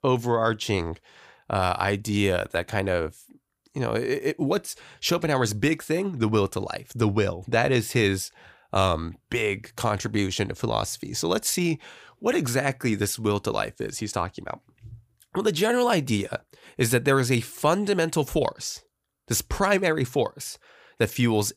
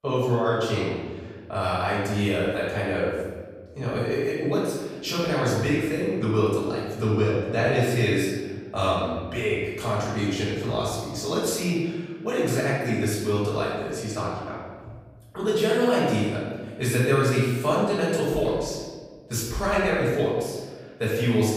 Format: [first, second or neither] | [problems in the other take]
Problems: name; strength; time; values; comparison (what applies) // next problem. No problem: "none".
first | room echo; strong; dies away in 1.3 s // off-mic speech; far